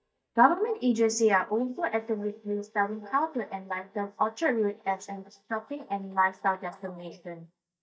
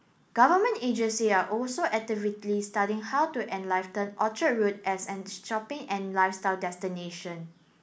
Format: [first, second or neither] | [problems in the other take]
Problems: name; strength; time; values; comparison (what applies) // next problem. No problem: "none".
second | noise reduction (neural mask model DeepFilterNet 3)